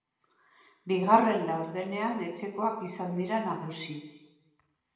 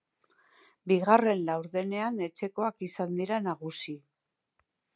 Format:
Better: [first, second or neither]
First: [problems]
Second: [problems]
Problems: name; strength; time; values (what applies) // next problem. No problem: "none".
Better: second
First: room echo; dies away in 1 s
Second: none